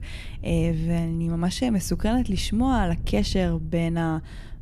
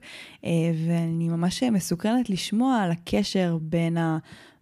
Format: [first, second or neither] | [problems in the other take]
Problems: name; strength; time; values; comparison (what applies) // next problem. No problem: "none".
second | wind noise on the microphone; occasional gusts; 20 dB below the speech